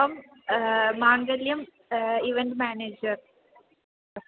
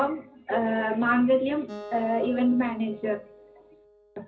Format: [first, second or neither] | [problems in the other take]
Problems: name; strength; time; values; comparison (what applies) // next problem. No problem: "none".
first | background sound (Acoustic guitar); 19 dB below the speech // room echo; dies away in 0.4 s